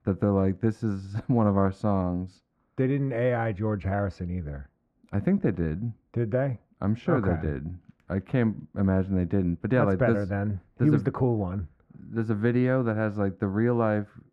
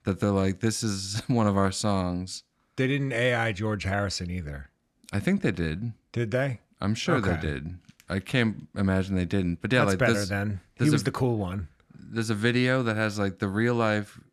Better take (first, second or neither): second